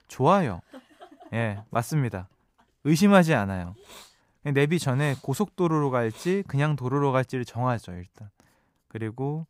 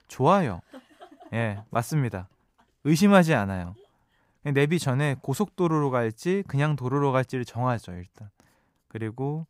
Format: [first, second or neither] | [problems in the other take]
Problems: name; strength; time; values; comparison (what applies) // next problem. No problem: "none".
second | hiss; faint; from 3 to 7 s; 25 dB below the speech